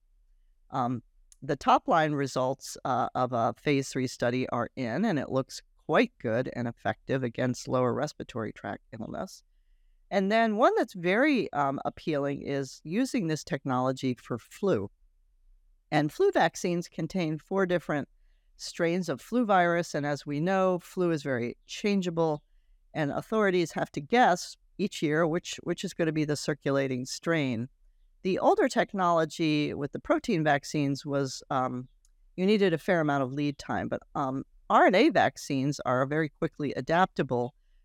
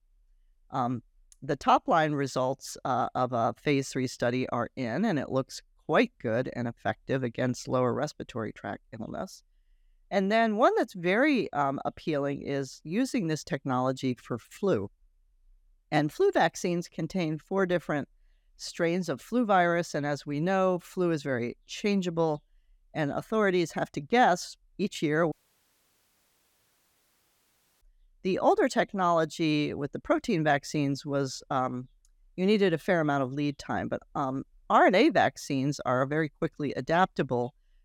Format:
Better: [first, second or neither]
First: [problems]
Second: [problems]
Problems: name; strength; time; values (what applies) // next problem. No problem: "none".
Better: first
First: none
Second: audio cutting out; at 25 s for 2.5 s